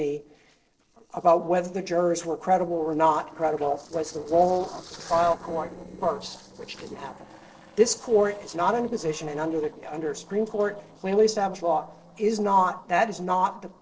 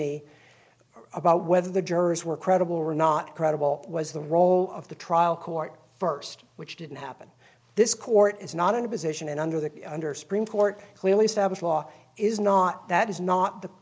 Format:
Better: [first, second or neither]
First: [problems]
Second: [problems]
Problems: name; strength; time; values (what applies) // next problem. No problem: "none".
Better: second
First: noise reduction (neural separator model SepFormer DNS4)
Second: none